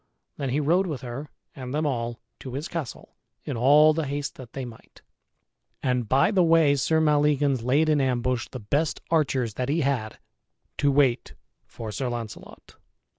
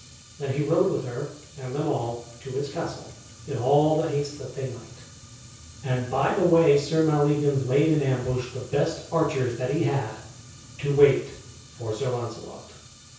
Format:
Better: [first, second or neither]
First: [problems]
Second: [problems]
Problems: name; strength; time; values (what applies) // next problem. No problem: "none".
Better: first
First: none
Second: background sound (Fire); 20 dB below the speech // room echo; dies away in 0.6 s